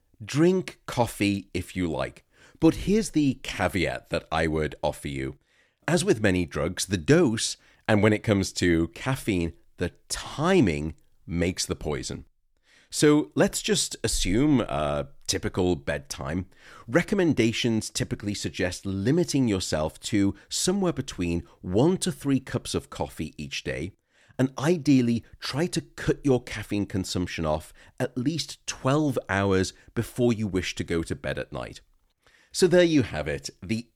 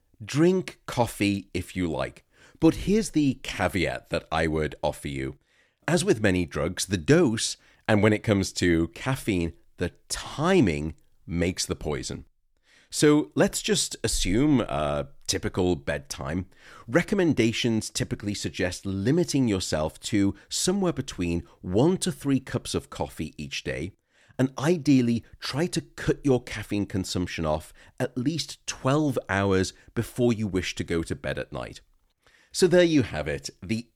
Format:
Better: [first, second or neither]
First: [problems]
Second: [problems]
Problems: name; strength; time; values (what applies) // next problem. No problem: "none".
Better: neither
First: none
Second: none